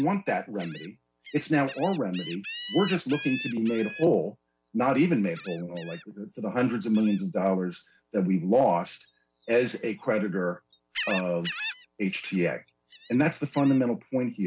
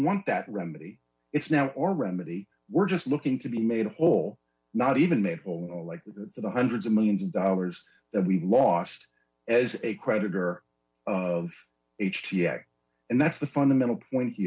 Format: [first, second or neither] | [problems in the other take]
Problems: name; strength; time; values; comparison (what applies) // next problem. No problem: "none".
second | background sound (Gull, seagull); 15 dB below the speech